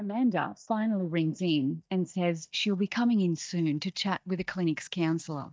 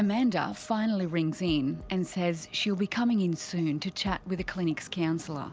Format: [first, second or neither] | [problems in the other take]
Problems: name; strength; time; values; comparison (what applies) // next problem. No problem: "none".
second | noise reduction (neural mask model DeepFilterNet 3)